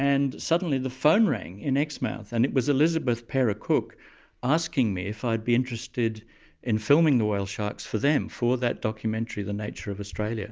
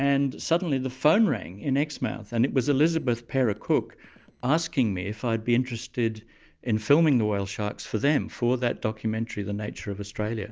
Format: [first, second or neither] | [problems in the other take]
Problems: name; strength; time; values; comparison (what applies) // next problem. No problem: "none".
first | noise reduction (neural separator model SepFormer DNS4)